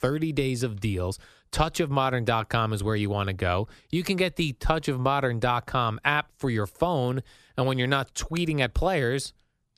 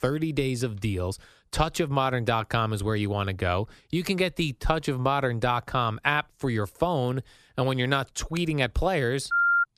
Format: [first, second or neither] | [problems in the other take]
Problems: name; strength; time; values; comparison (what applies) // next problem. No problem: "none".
first | phone ringing; loud; at 9.5 s; peak 6 dB above the speech